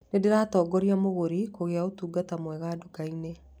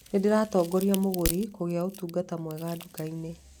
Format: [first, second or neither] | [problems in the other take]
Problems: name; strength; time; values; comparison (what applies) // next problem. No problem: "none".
first | background sound (Crack); 12 dB below the speech